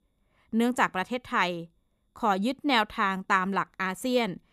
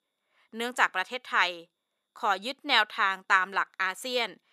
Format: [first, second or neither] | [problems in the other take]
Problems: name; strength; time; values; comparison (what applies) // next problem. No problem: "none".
first | thin; very; fading below 450 Hz